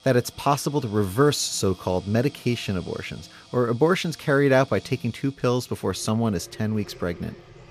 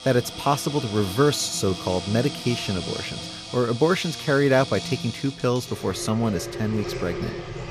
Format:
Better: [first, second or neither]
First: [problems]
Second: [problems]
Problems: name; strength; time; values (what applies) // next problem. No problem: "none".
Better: first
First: household noises; faint; throughout; 20 dB below the speech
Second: household noises; loud; throughout; 9 dB below the speech